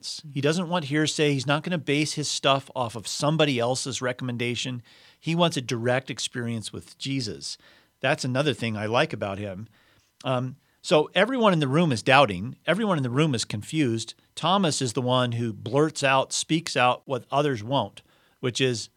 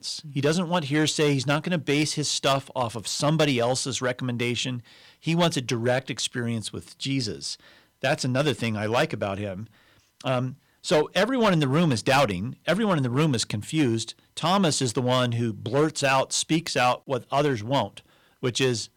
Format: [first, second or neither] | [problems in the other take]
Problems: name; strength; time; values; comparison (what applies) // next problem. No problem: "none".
first | distortion; slight; 4% of the sound clipped